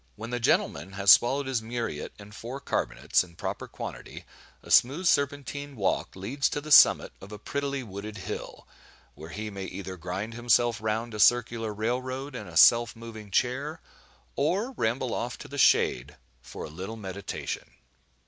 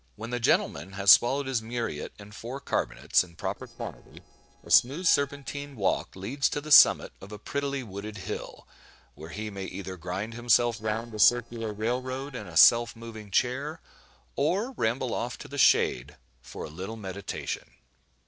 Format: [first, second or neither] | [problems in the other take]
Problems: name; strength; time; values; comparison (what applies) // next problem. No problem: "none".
first | noise reduction (neural separator model SepFormer DNS4)